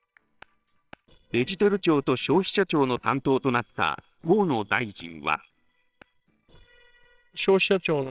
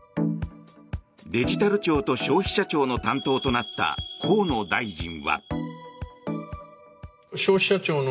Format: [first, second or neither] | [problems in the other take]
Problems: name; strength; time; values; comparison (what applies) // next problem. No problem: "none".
second | noise reduction (neural separator model SepFormer WHAMR!)